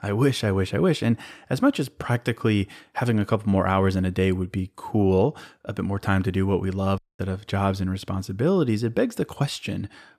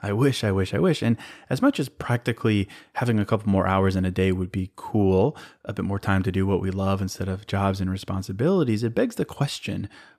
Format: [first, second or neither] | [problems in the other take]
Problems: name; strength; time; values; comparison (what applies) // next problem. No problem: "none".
second | audio cutting out; at 7 s